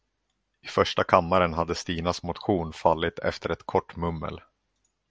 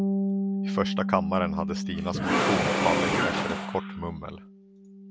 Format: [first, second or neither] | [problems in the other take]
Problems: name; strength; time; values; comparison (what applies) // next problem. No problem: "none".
first | background sound (Engine / Mechanisms + Bass guitar); 4 dB above the speech